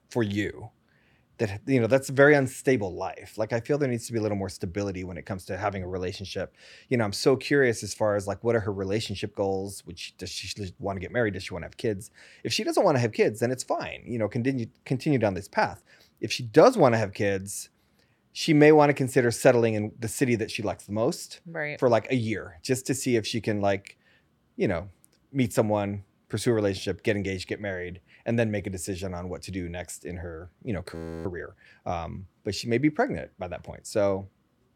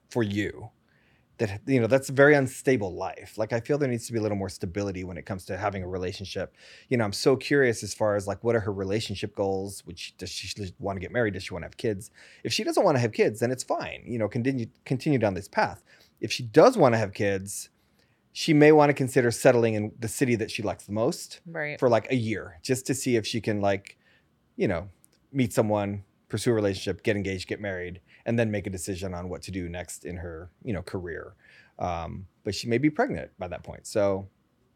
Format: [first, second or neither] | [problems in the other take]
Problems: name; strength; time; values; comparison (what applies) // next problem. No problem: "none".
second | audio freezing; at 31 s